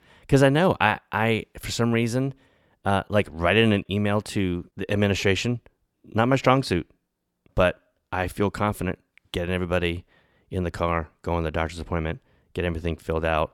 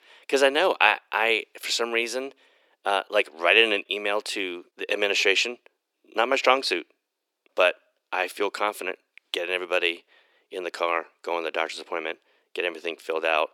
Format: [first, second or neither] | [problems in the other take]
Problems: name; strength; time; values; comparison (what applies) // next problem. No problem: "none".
first | thin; very; fading below 350 Hz